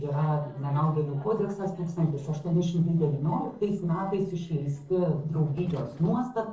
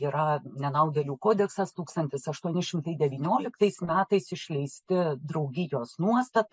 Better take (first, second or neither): second